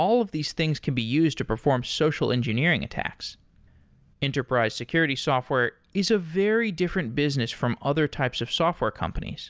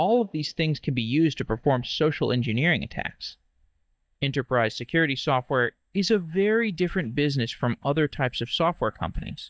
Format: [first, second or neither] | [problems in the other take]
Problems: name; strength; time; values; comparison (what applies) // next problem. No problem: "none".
first | noise reduction (neural mask model DeepFilterNet 3)